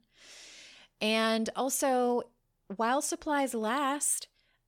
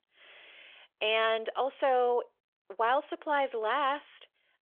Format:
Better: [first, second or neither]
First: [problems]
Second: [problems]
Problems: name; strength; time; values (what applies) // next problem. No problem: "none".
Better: first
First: none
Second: phone-call audio; nothing above 3.5 kHz